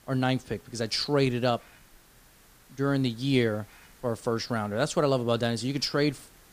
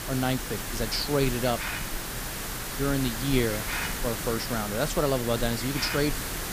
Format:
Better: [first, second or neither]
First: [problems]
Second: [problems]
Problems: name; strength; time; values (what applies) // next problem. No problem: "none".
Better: first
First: hiss; faint; throughout; 25 dB below the speech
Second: hiss; loud; throughout; 3 dB below the speech